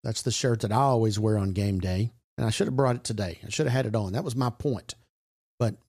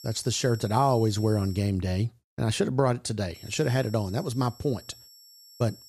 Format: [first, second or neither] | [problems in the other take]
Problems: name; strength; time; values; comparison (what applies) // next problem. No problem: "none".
first | high-pitched whine; noticeable; until 1.5 s and from 3.5 s on; 5.5 kHz, 20 dB below the speech